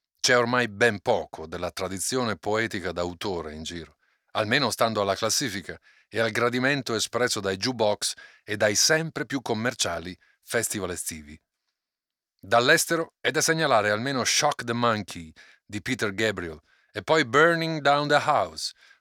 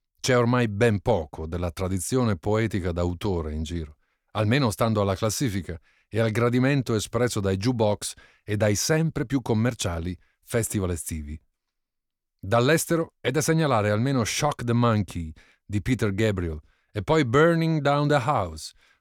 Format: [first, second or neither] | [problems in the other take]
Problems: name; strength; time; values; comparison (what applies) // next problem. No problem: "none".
second | thin; somewhat; fading below 800 Hz